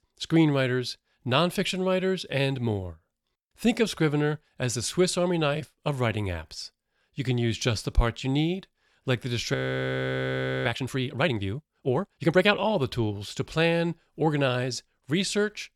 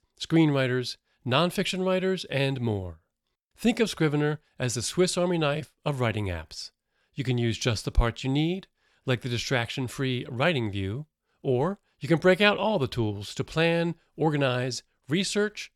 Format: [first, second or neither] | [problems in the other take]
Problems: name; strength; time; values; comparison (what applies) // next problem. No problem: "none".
second | audio freezing; at 9.5 s for 1 s